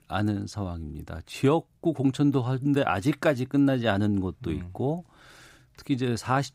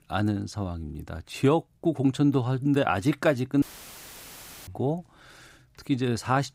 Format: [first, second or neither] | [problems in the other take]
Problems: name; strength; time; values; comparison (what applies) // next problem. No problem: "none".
first | audio cutting out; filled with static; at 3.5 s for 1 s